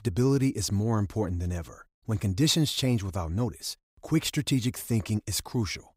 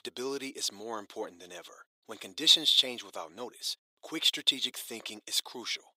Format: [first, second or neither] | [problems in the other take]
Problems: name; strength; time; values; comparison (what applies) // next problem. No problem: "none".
first | thin; very; fading below 400 Hz